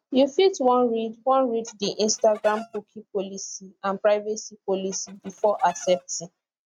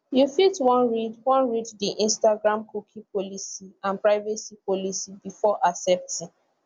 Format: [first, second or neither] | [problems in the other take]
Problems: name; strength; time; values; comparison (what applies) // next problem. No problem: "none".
second | noise reduction (neural mask model RNNoise)